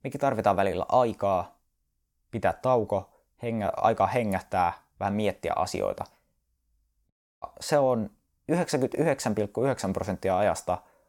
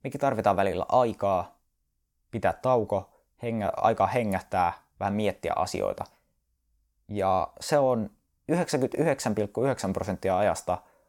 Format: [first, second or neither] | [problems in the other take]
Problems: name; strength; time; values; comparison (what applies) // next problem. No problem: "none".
second | audio cutting out; at 7 s